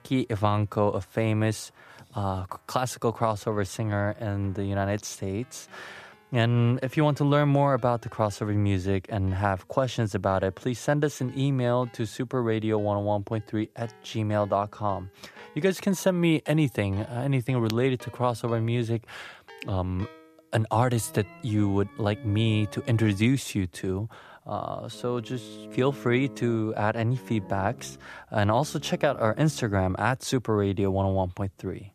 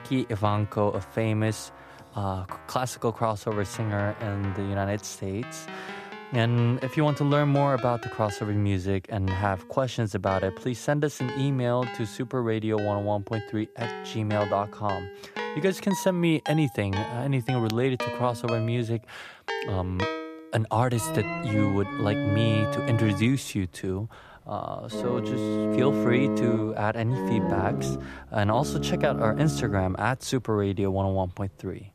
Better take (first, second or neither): first